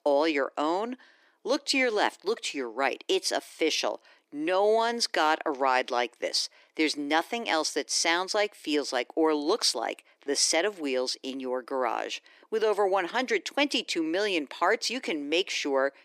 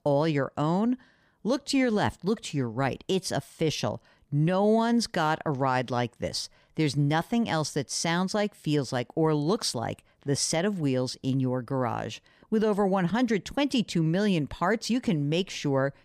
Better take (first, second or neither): second